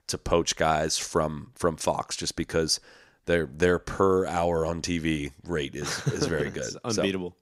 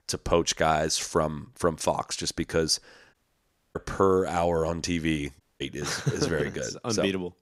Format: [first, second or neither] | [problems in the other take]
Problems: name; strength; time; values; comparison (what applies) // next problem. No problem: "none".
first | audio cutting out; at 3 s for 0.5 s and at 5.5 s